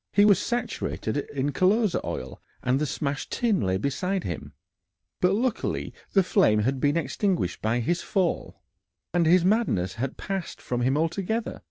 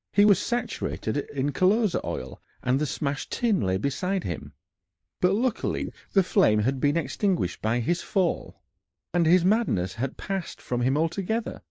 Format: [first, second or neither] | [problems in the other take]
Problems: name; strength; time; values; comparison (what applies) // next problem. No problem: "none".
first | noise reduction (neural mask model Resemble Enhance denoiser)